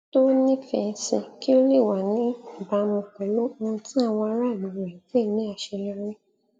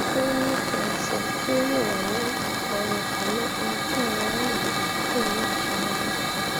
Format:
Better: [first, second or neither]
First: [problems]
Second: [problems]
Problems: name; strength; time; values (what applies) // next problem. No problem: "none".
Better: first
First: none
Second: background sound (Hiss / Fire); 4 dB above the speech